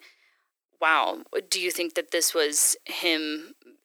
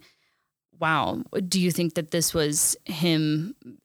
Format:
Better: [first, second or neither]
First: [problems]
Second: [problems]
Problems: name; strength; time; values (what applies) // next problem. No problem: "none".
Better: second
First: thin; very; fading below 350 Hz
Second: none